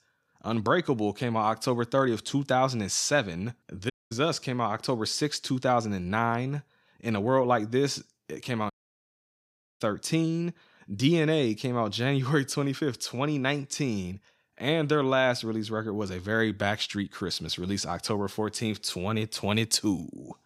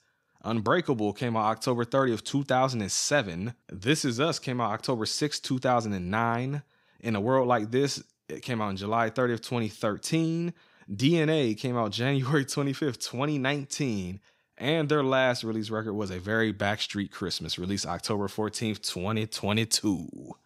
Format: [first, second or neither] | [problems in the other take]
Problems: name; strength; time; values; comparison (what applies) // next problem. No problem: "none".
second | audio cutting out; at 4 s and at 8.5 s for 1 s